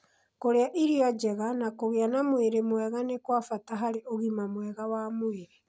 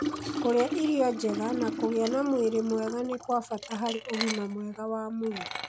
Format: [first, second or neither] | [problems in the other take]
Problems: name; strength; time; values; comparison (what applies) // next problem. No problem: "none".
first | background sound (Liquid); 7 dB below the speech